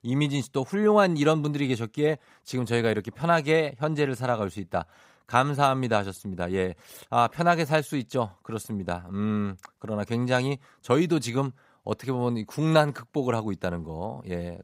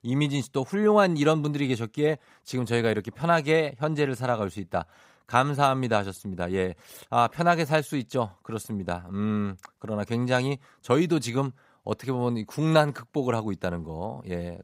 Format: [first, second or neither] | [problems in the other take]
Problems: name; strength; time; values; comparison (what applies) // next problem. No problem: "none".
neither | none